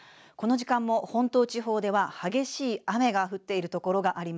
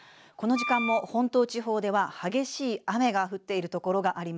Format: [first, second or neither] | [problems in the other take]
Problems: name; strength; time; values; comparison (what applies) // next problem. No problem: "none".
first | background sound (Wind instrument, woodwind instrument); 6 dB below the speech